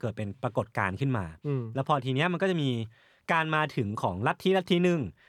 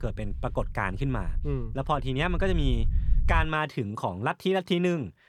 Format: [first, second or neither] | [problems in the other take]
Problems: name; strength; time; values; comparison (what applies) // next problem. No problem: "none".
first | low rumble; faint; until 3.5 s; 25 dB below the speech